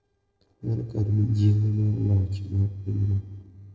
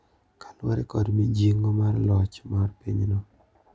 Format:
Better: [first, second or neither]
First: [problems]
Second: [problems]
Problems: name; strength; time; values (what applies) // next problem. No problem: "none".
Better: second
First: noise reduction (neural separator model SepFormer DNS4)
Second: none